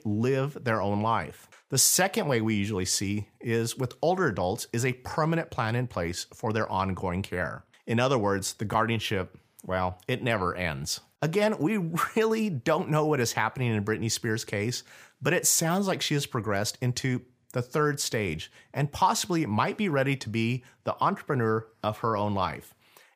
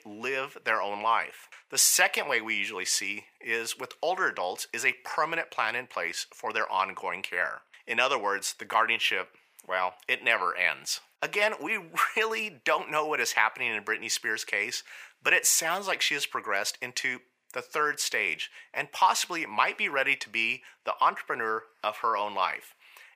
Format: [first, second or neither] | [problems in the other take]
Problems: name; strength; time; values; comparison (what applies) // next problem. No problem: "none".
first | thin; very; fading below 600 Hz